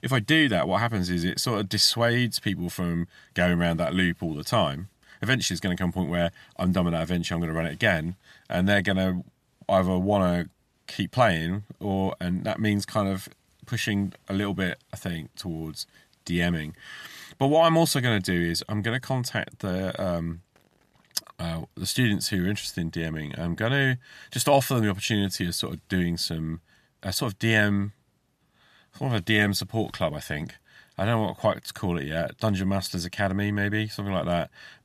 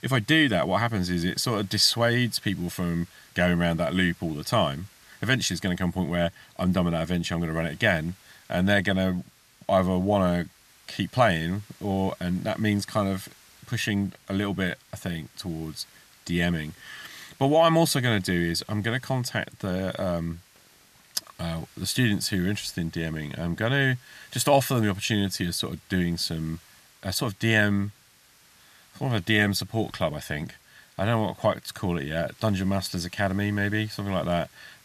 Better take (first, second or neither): first